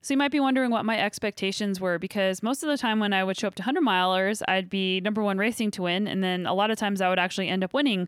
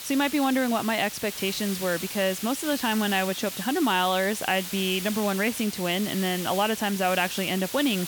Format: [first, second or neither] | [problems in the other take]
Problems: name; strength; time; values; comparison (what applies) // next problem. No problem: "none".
first | hiss; loud; throughout; 8 dB below the speech